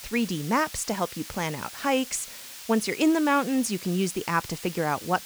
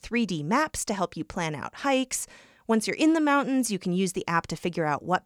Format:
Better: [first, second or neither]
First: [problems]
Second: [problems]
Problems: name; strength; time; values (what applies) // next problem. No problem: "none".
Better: second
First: hiss; noticeable; throughout; 15 dB below the speech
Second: none